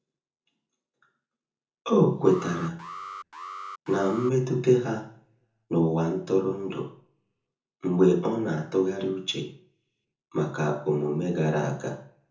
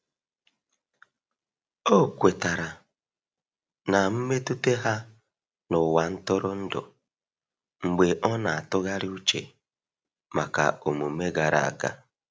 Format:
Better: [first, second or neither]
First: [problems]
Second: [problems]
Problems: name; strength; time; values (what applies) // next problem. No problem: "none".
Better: second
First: background sound (Alarm); 14 dB below the speech // room echo; dies away in 0.6 s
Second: none